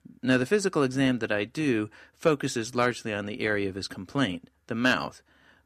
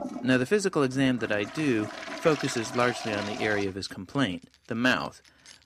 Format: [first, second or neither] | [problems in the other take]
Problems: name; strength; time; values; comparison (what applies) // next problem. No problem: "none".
first | household noises; loud; throughout; 10 dB below the speech